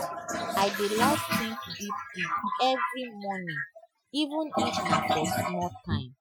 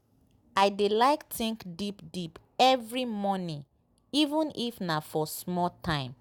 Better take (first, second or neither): second